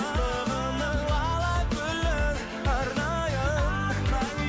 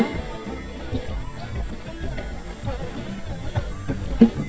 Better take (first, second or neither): first